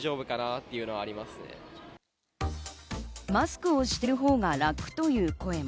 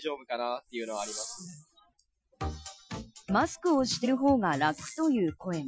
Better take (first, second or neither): first